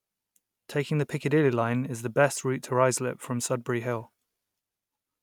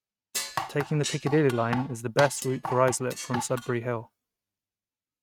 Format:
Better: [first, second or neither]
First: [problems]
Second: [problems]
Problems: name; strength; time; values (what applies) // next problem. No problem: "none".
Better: first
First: none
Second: noise reduction (neural mask model RNNoise)